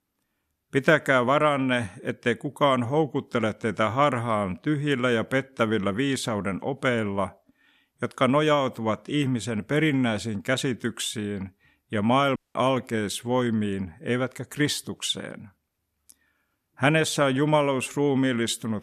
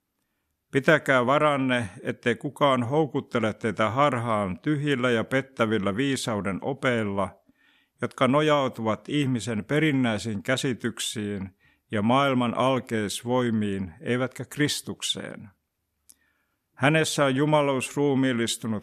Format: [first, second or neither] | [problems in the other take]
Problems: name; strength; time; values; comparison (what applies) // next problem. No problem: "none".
second | audio cutting out; at 12 s